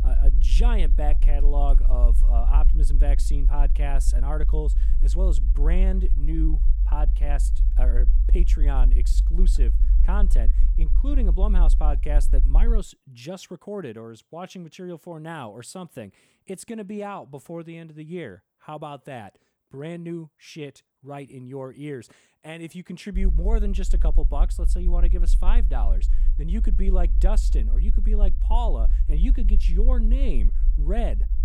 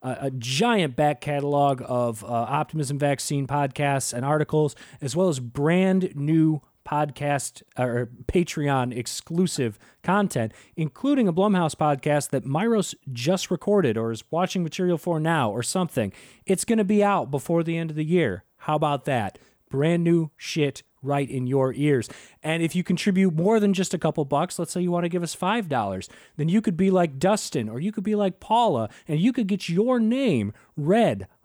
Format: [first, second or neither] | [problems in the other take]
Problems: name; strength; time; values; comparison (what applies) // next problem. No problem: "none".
second | low rumble; noticeable; until 13 s and from 23 s on; 10 dB below the speech